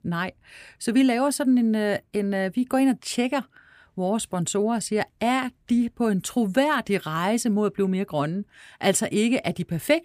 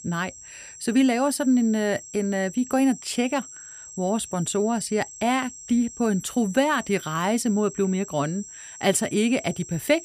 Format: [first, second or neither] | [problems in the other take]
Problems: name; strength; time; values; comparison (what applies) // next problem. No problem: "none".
first | high-pitched whine; noticeable; throughout; 7.5 kHz, 15 dB below the speech